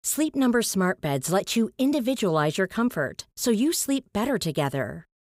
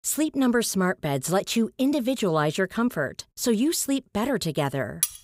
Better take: first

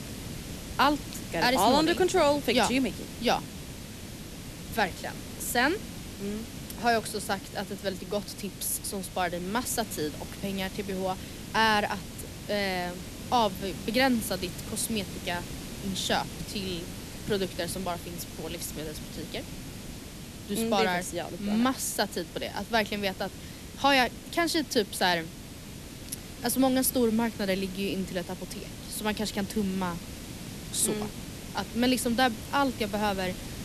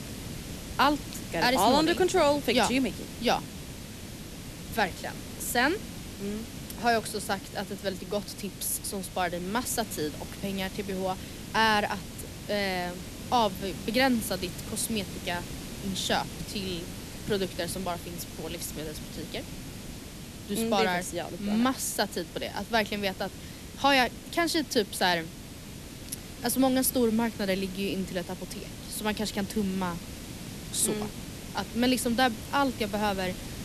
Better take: neither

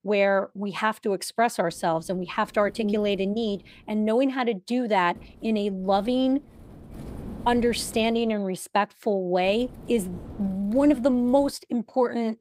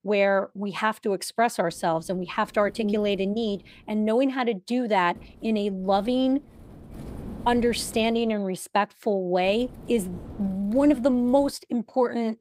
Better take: neither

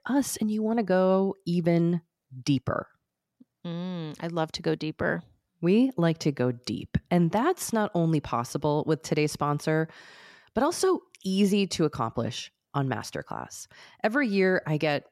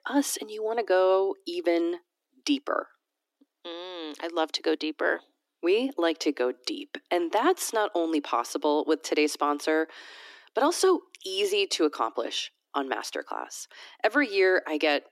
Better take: first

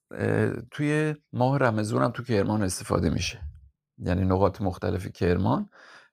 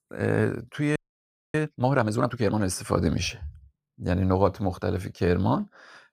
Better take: first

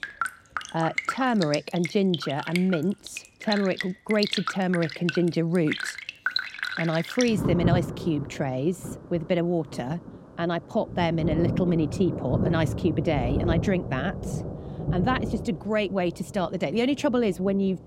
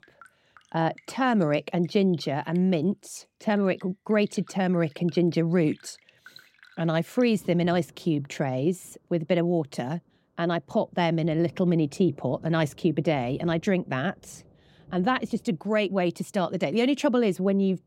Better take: second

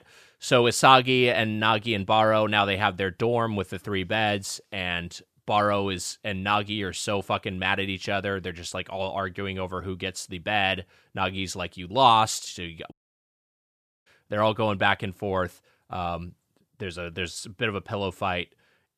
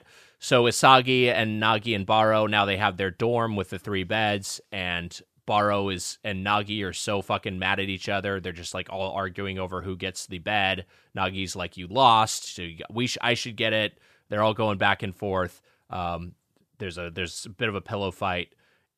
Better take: second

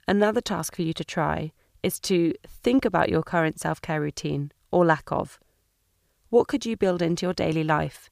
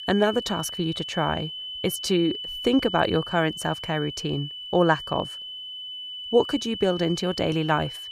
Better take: first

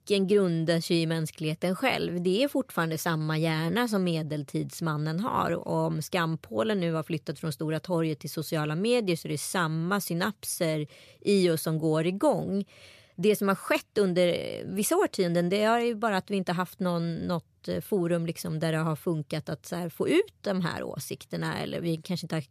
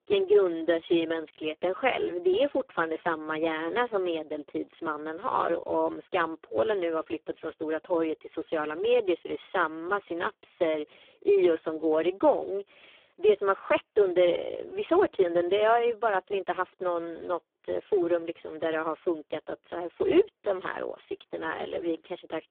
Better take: first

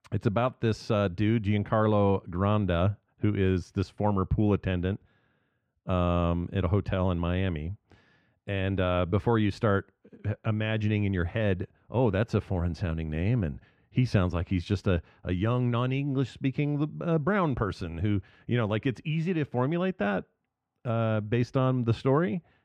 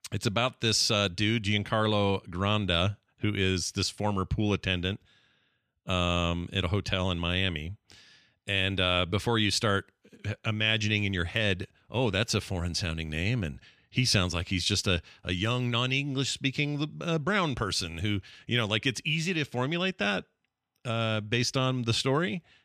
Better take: second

